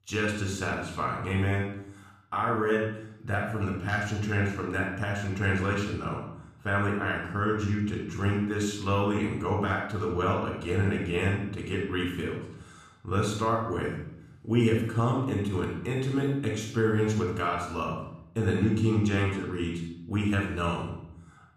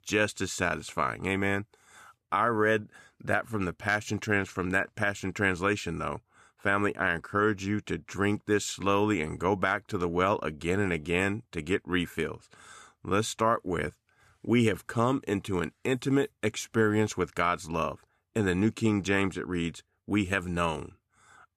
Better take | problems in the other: second | off-mic speech; far // room echo; noticeable; dies away in 0.8 s

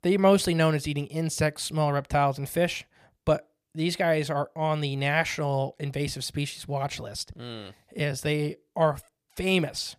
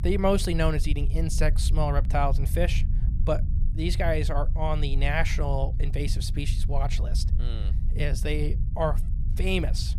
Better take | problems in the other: first | low rumble; noticeable; throughout; 15 dB below the speech

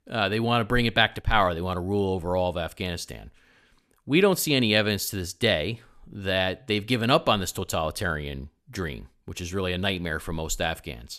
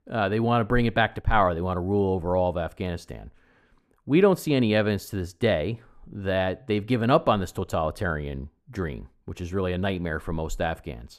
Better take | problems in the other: first | muffled; slightly; fading above 2 kHz

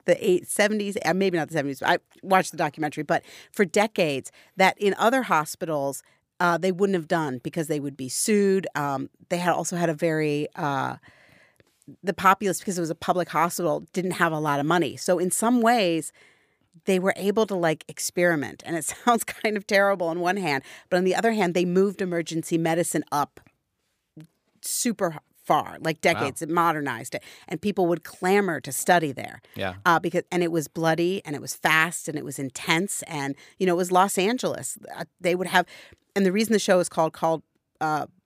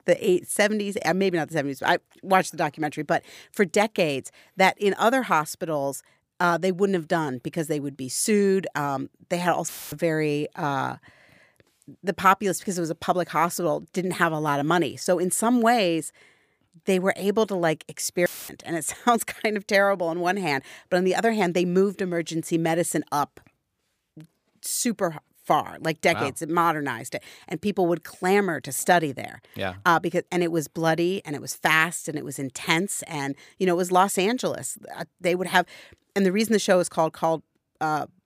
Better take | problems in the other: first | audio cutting out; filled with static; at 9.5 s and at 18 s

